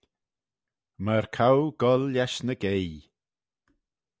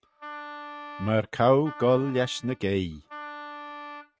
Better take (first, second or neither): first